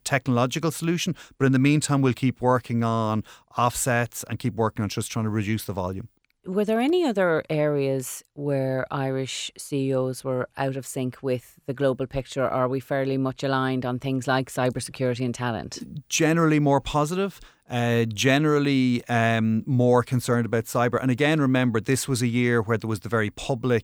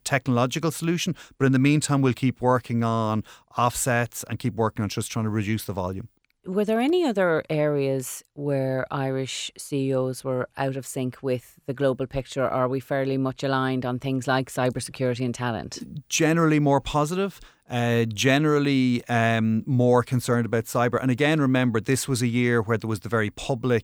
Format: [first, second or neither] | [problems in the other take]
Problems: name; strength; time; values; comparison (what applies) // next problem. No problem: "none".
neither | none